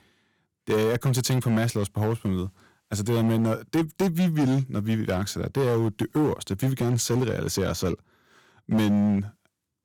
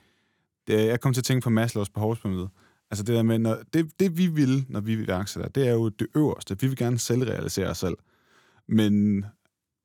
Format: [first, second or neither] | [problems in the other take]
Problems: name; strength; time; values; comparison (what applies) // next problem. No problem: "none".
second | distortion; slight; 10% of the sound clipped